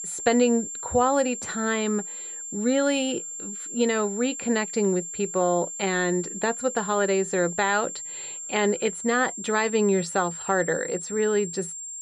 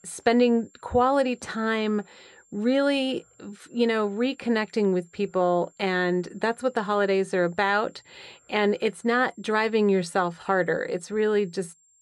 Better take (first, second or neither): second